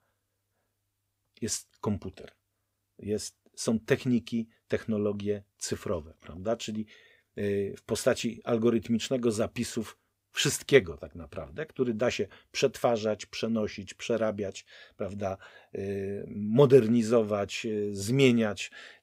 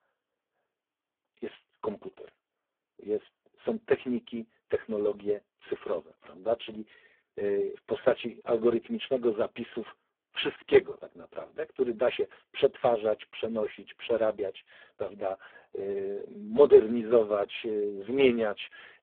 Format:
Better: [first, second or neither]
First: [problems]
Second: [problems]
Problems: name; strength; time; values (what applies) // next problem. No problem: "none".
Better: first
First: none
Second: phone-call audio; poor line